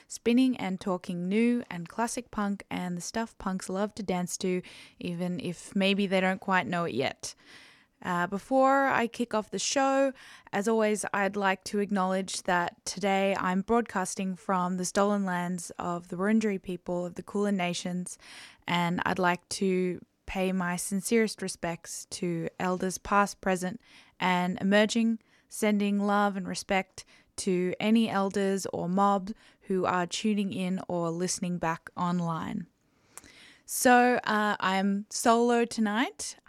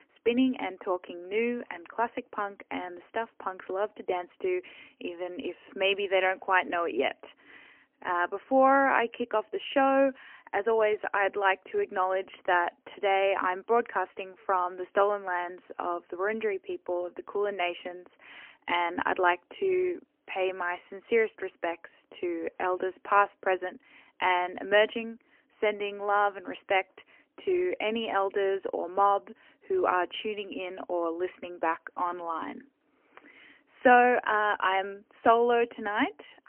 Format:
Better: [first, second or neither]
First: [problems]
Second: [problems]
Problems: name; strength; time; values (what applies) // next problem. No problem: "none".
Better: first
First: none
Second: phone-call audio; poor line; nothing above 3 kHz